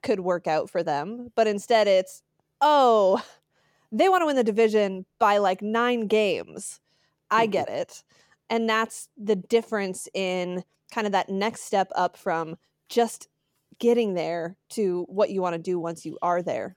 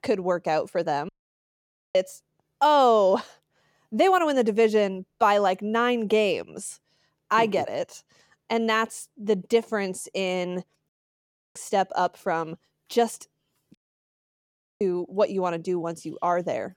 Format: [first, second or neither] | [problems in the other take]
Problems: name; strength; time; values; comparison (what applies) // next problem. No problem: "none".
first | audio cutting out; at 1 s for 1 s, at 11 s for 0.5 s and at 14 s for 1 s